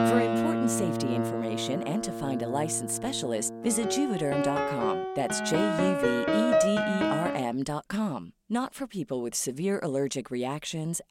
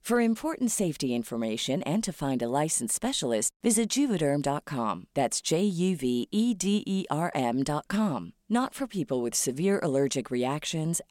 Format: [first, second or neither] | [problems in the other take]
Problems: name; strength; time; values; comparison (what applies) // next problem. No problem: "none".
second | background music; very loud; until 7.5 s; 1 dB above the speech